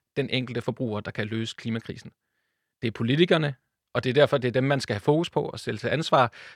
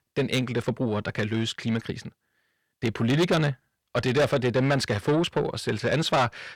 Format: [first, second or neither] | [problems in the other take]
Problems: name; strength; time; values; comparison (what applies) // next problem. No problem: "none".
first | distortion; heavy; 7 dB below the speech